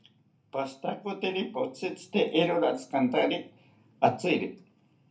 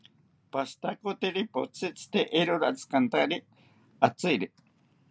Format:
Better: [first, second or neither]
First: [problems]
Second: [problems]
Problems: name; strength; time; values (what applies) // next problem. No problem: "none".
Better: second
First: room echo; dies away in 0.3 s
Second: none